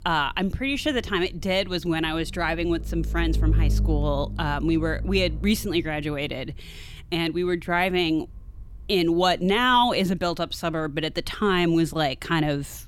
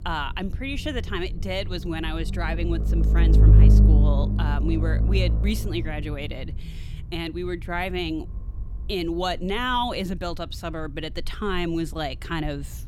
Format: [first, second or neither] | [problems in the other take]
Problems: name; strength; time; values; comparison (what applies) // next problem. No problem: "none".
first | low rumble; loud; throughout; 7 dB below the speech; faint in the first